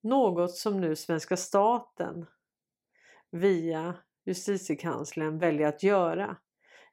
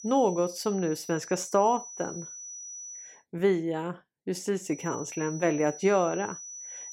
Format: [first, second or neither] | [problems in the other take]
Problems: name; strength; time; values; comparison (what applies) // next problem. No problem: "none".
first | high-pitched whine; noticeable; until 3 s and from 4.5 s on; 6 kHz, 10 dB below the speech